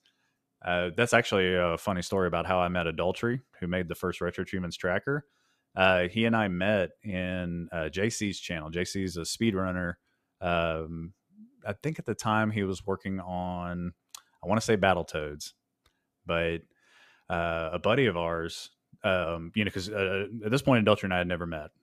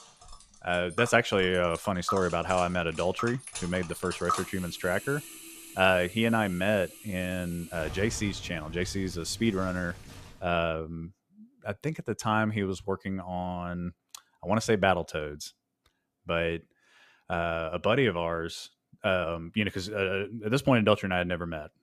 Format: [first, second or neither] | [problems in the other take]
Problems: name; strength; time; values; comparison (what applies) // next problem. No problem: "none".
first | household noises; noticeable; until 10 s; 10 dB below the speech